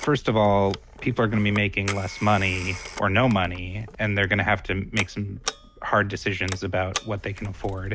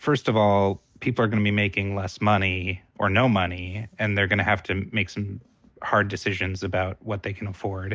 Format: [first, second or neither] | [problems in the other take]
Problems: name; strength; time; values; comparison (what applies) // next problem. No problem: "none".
second | background sound (Telephone); 13 dB below the speech